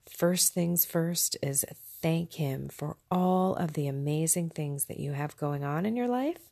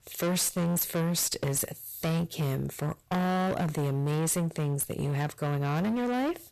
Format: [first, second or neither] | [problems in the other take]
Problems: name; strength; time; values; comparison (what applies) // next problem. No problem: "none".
first | distortion; heavy; 30% of the sound clipped